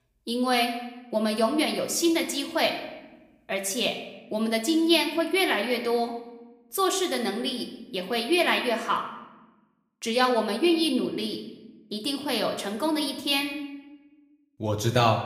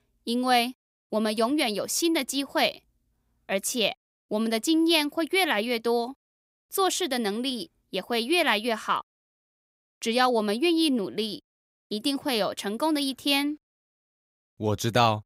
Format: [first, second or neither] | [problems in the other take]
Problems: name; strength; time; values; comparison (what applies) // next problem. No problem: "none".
second | room echo; slight; dies away in 0.8 s // off-mic speech; somewhat distant